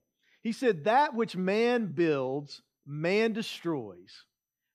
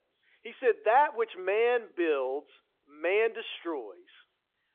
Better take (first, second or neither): first